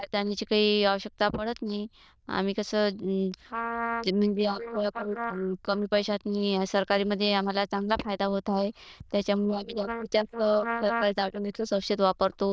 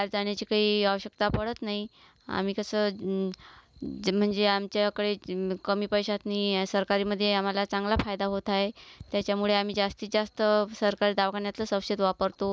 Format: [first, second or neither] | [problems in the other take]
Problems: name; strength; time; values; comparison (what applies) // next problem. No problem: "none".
second | noise reduction (neural diffusion model UNIVERSE++)